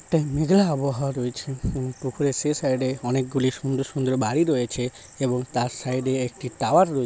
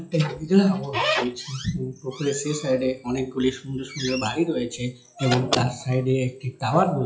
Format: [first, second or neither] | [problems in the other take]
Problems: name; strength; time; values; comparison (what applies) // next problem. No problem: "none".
first | noise reduction (classical method WPE with log-MMSE)